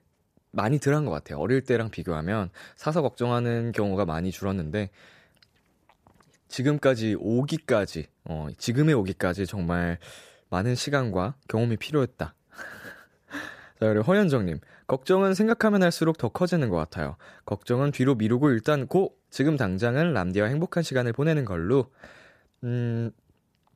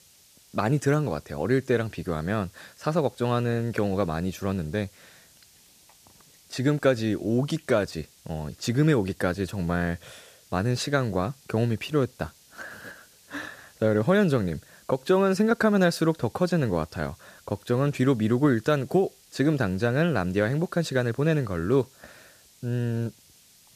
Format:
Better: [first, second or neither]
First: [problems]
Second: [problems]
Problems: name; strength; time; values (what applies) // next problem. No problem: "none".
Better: first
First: none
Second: hiss; faint; throughout; 30 dB below the speech